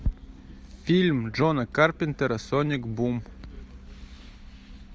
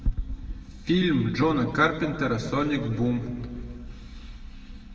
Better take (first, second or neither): first